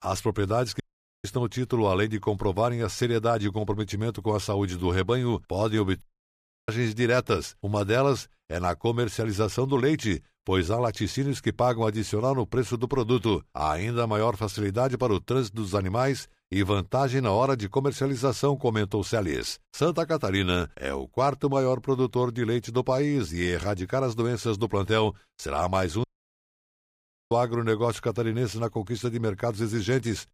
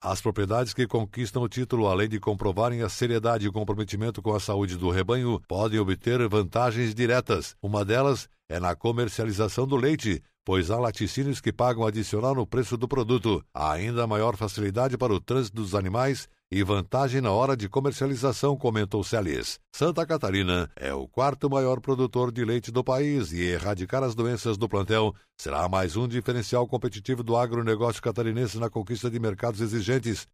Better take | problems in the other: second | audio cutting out; at 1 s, at 6 s for 0.5 s and at 26 s for 1.5 s

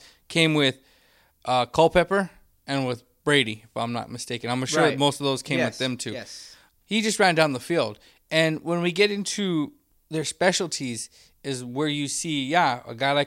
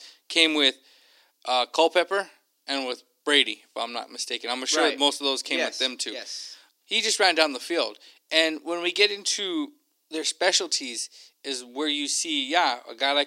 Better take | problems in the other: first | thin; very slightly; fading below 300 Hz

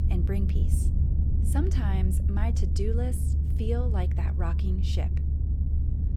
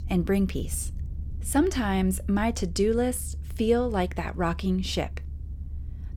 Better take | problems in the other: second | low rumble; loud; throughout; 4 dB below the speech; faint in the second

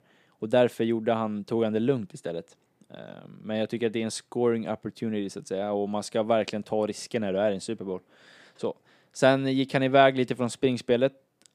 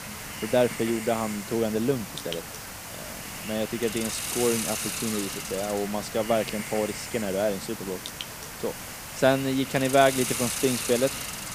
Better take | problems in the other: first | hiss; loud; throughout; 5 dB below the speech

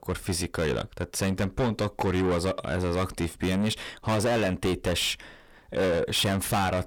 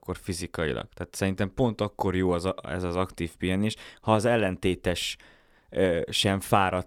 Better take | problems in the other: second | distortion; heavy; 6 dB below the speech

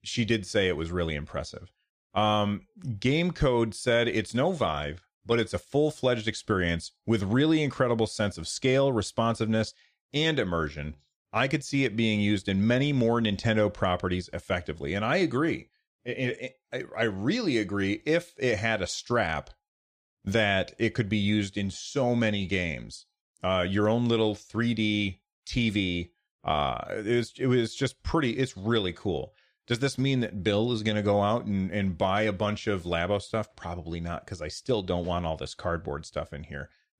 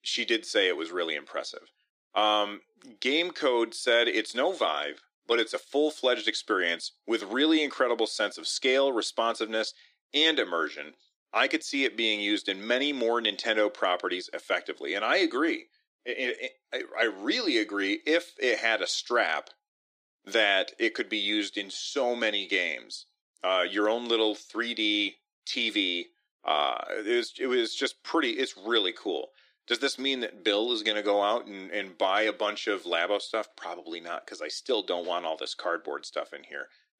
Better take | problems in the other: first | thin; somewhat; fading below 300 Hz

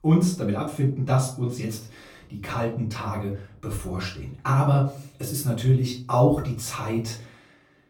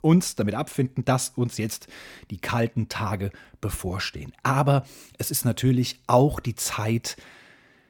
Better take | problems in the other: second | off-mic speech; far // room echo; slight; dies away in 0.4 s

